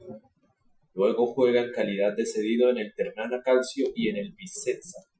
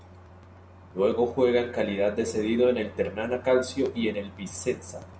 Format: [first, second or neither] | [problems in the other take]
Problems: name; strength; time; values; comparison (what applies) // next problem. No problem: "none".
second | noise reduction (classical method Wiener filter)